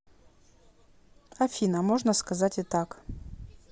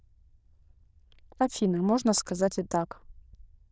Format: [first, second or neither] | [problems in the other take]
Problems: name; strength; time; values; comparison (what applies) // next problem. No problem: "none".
first | noise reduction (neural diffusion model UNIVERSE++)